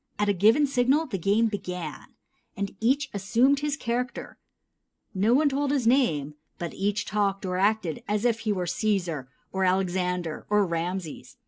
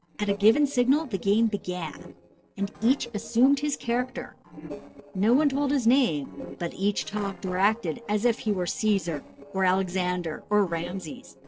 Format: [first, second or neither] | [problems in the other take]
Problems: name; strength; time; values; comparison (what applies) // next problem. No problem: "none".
first | noise reduction (neural separator model SepFormer DNS4)